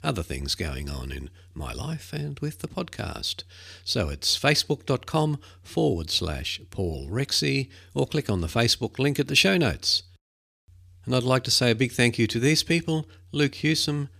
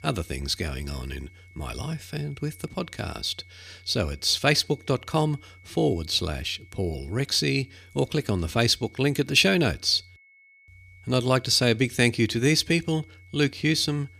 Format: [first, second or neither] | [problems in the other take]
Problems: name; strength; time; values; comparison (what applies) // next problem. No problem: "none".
first | high-pitched whine; faint; throughout; 2 kHz, 30 dB below the speech